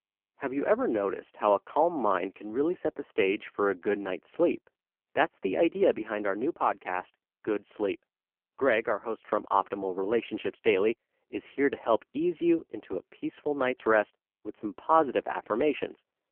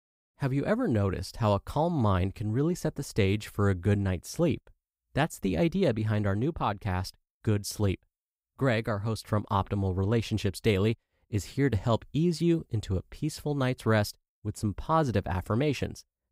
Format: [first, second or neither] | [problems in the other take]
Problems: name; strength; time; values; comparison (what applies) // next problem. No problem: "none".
second | phone-call audio; poor line